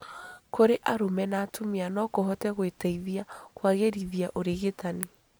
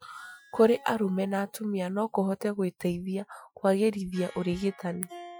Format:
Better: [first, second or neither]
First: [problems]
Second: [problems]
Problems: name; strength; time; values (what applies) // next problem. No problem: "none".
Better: first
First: none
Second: noise reduction (classical method Wiener filter)